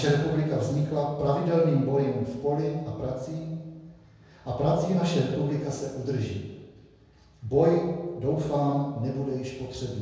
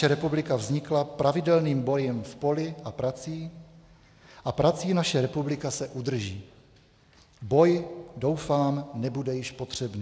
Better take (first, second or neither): second